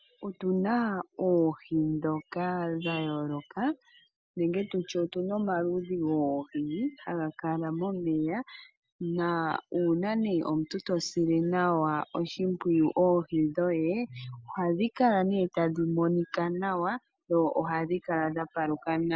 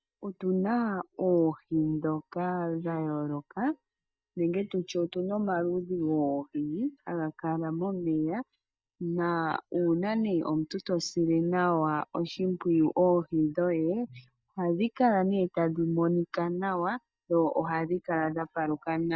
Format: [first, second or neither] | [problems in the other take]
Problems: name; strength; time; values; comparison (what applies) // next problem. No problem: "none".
first | noise reduction (neural mask model DeepFilterNet 3)